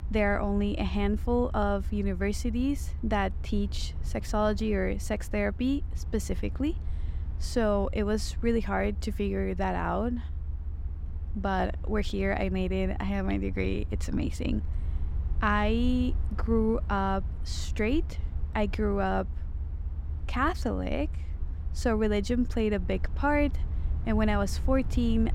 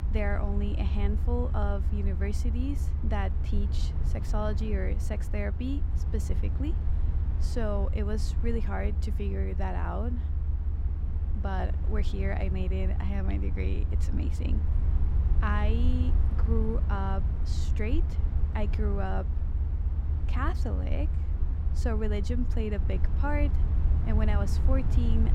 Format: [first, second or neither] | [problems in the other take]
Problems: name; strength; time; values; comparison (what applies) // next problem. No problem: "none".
first | low rumble; loud; throughout; 9 dB below the speech; faint in the first